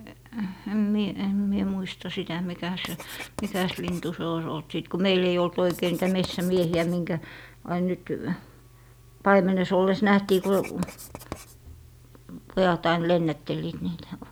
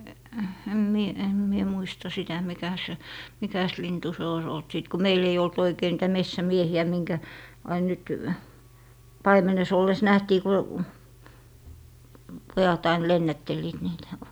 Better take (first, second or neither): second